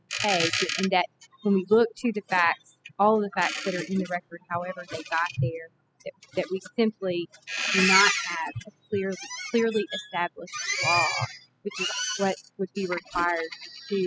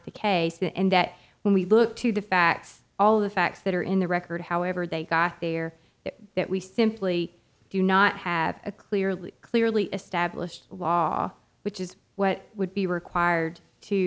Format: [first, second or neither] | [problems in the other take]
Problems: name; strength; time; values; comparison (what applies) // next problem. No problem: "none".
second | noise reduction (classical method spectral subtraction)